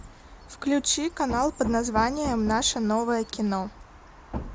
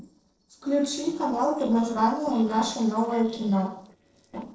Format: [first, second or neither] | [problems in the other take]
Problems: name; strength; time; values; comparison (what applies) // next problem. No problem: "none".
first | noise reduction (neural separator model SepFormer DNS4)